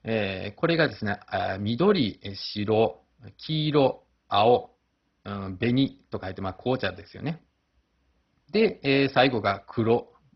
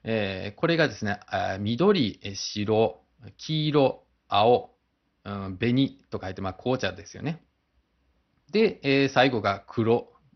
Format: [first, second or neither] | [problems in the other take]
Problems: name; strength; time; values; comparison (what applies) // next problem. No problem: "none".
second | garbled, watery; badly; nothing above 5.5 kHz; slightly in the second